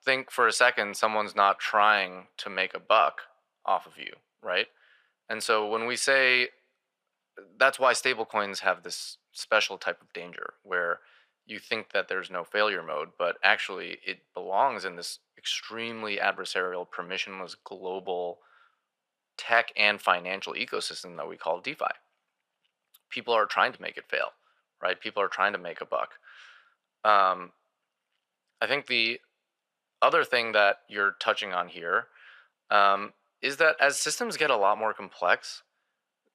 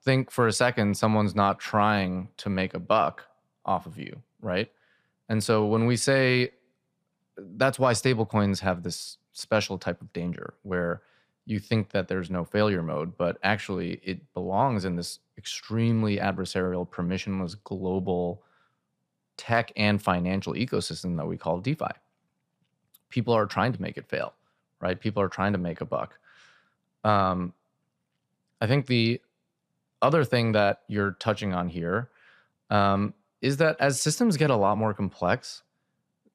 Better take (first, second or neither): second